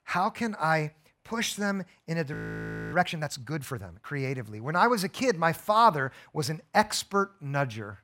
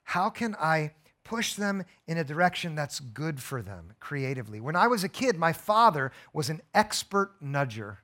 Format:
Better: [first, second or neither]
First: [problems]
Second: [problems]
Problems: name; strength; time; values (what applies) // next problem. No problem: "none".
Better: second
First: audio freezing; at 2.5 s for 0.5 s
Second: none